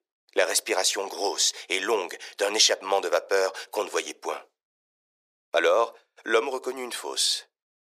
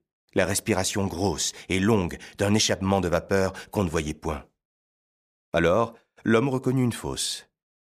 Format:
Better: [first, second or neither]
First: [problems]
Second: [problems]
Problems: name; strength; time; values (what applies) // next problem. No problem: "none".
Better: second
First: thin; very; fading below 400 Hz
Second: none